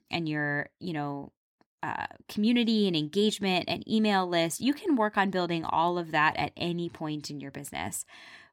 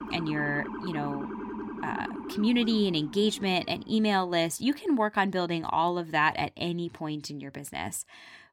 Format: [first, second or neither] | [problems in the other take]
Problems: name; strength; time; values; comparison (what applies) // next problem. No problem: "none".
first | siren; noticeable; until 4 s; peak 8 dB below the speech